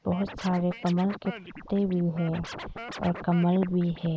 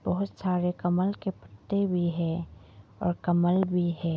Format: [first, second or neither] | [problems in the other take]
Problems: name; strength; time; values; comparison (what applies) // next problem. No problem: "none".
second | noise reduction (neural mask model Resemble Enhance denoiser)